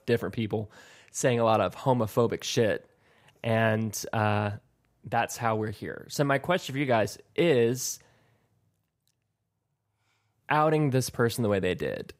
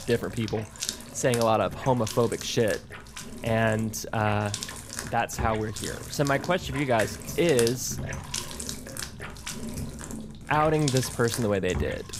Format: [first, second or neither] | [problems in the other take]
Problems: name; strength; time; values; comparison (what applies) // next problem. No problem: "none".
first | household noises; loud; throughout; 9 dB below the speech